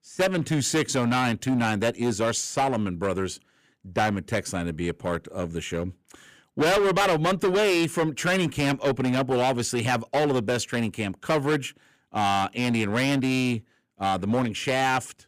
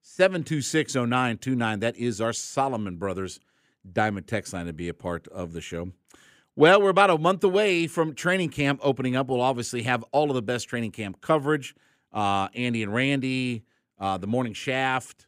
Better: second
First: distortion; heavy; 13% of the sound clipped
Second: none

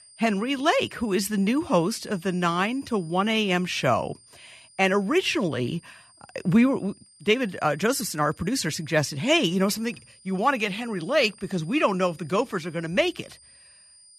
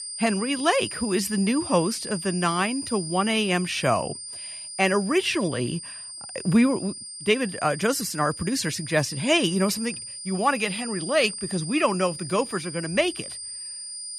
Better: first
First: high-pitched whine; faint; throughout; 9 kHz, 25 dB below the speech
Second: high-pitched whine; loud; throughout; 9 kHz, 9 dB below the speech

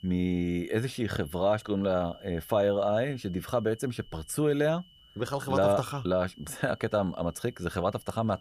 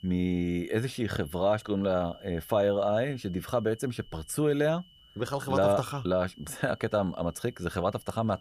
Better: neither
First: high-pitched whine; faint; throughout; 3 kHz, 25 dB below the speech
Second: high-pitched whine; faint; throughout; 3 kHz, 25 dB below the speech

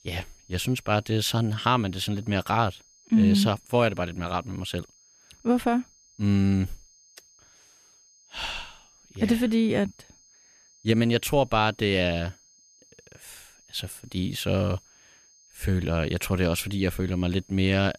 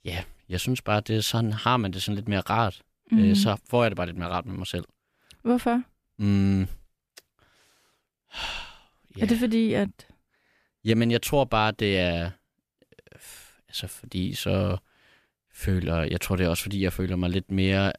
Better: second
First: high-pitched whine; faint; throughout; 6.5 kHz, 30 dB below the speech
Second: none

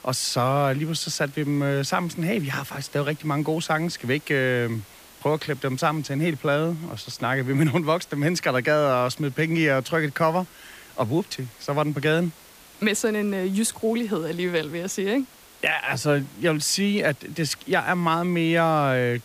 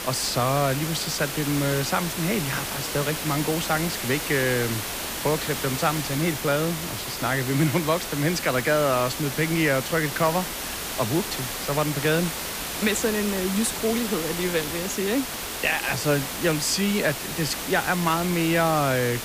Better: first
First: hiss; faint; throughout; 25 dB below the speech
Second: hiss; loud; throughout; 4 dB below the speech

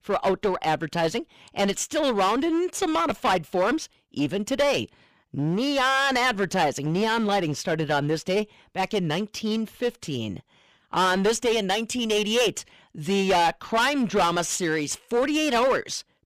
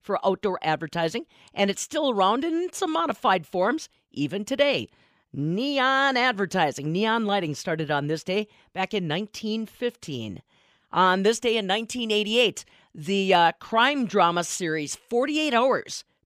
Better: second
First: distortion; heavy; 11% of the sound clipped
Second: none

